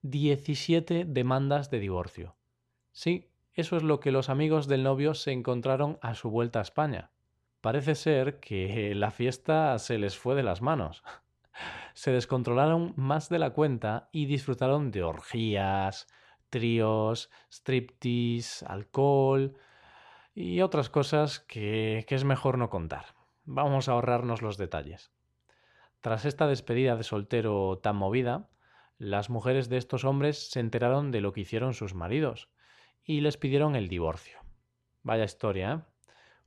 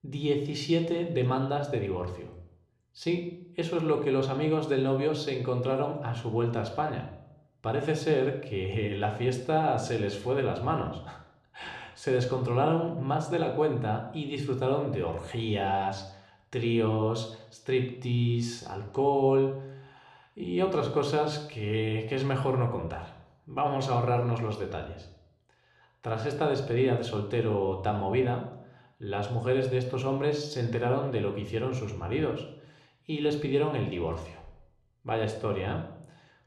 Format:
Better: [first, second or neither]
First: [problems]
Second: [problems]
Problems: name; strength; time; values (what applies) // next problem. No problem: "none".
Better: first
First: none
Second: room echo; slight; dies away in 0.6 s